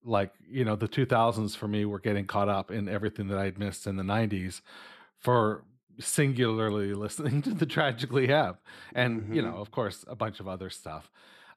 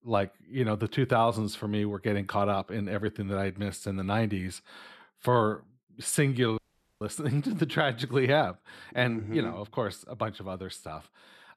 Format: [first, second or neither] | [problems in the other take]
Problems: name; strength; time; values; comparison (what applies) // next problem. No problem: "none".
first | audio cutting out; at 6.5 s